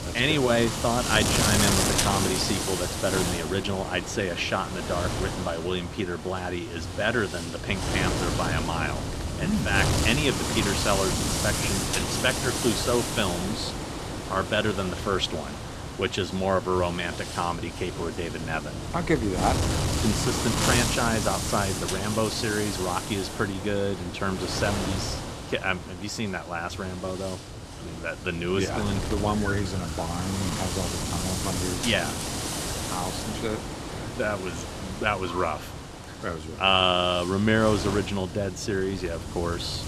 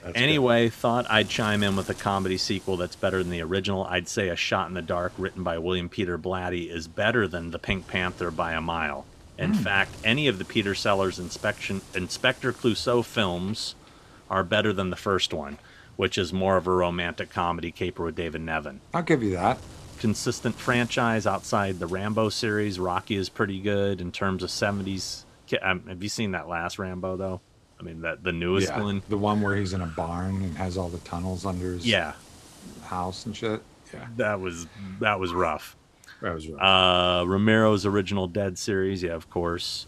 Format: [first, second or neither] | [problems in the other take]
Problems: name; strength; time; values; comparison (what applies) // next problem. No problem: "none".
second | wind noise on the microphone; heavy; 3 dB below the speech; occasional gusts in the second